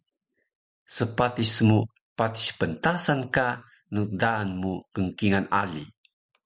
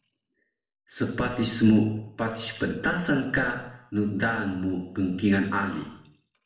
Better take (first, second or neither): first